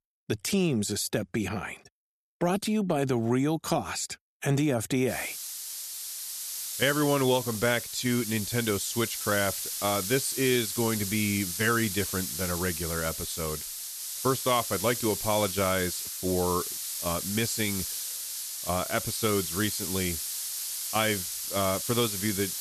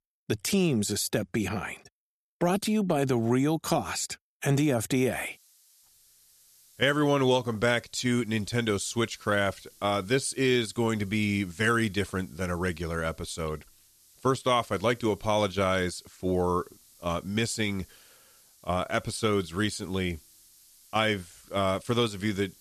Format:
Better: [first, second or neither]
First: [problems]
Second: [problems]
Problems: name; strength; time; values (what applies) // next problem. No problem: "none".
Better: second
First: hiss; loud; from 5 s on; 3 dB below the speech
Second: hiss; faint; from 5 s on; 25 dB below the speech